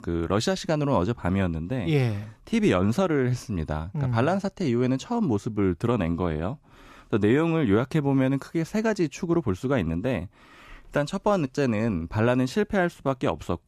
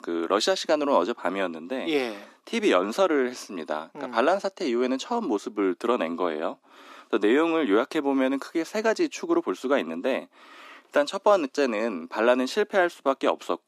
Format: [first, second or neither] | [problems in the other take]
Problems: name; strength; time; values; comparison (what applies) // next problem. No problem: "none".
first | thin; somewhat; fading below 250 Hz